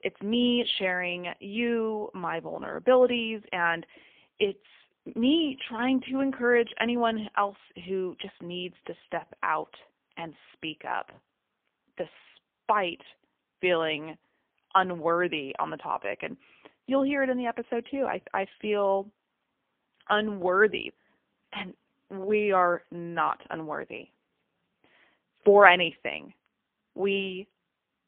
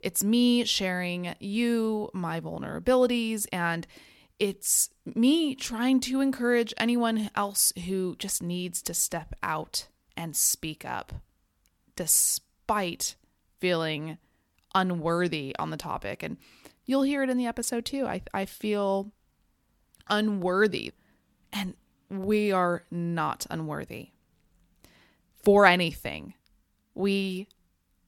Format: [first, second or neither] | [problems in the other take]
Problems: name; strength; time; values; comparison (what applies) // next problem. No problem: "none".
second | phone-call audio; poor line; nothing above 3.5 kHz